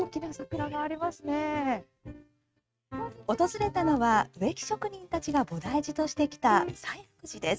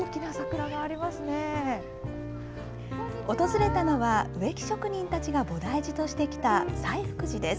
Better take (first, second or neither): second